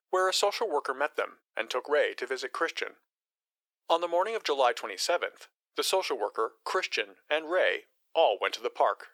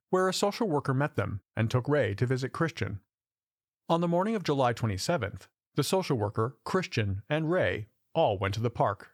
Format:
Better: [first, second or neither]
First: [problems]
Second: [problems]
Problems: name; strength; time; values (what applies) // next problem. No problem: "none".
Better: second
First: thin; very; fading below 400 Hz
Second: none